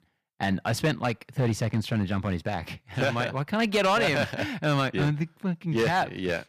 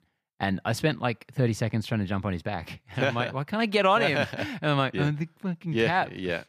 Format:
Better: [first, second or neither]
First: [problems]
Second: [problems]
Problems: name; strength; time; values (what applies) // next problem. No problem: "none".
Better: second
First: distortion; slight; 5% of the sound clipped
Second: none